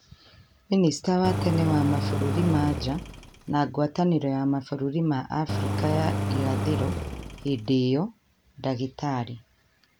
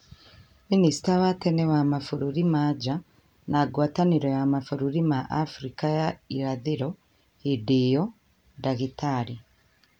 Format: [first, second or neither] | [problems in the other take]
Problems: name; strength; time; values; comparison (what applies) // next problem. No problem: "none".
second | background sound (Engine); 2 dB below the speech